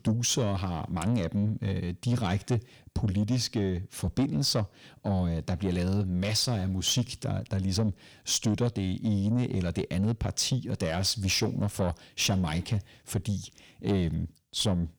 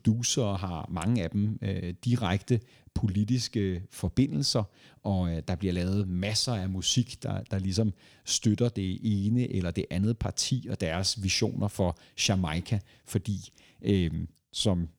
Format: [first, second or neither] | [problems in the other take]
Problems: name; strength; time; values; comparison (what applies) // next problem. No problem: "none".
second | distortion; slight; 10 dB below the speech